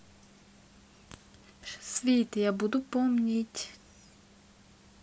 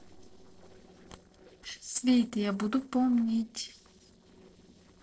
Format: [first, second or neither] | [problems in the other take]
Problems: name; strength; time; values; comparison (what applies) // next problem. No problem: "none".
first | noise reduction (neural separator model SepFormer DNS4)